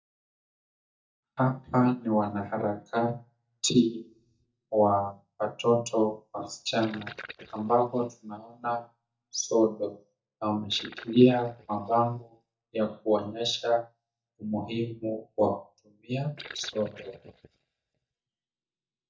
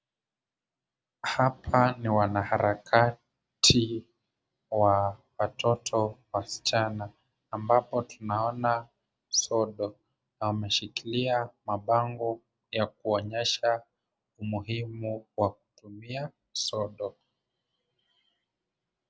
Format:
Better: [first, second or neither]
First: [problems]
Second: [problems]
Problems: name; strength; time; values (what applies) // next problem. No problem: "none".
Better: second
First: noise reduction (neural mask model DeepFilterNet 3)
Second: none